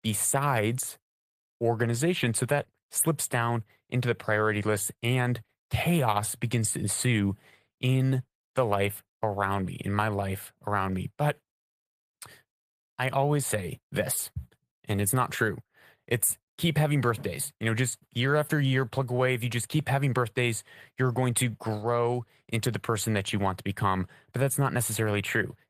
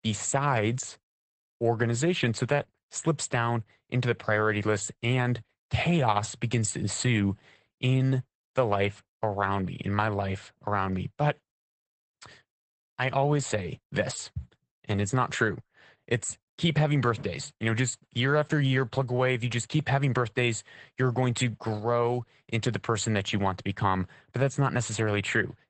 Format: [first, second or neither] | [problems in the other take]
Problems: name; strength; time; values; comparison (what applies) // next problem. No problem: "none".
first | garbled, watery; badly; nothing above 8 kHz; slightly in the first